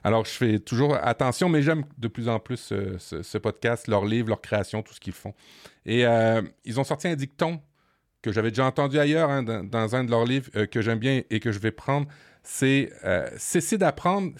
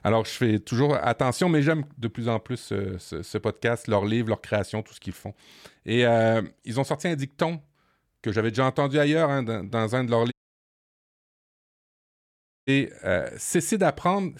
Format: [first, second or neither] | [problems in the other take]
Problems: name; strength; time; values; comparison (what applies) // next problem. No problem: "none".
first | audio cutting out; at 10 s for 2.5 s